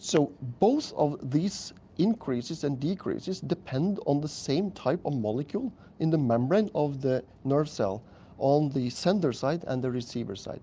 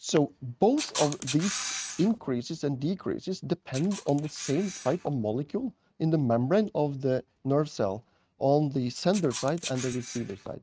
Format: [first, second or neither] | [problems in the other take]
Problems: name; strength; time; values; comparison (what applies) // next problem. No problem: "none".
first | noise reduction (neural mask model RNNoise)